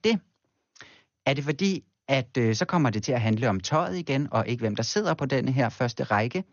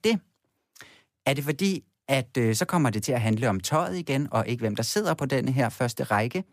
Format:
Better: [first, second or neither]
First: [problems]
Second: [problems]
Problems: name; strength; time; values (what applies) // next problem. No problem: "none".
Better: second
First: garbled, watery; slightly; nothing above 6.5 kHz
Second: none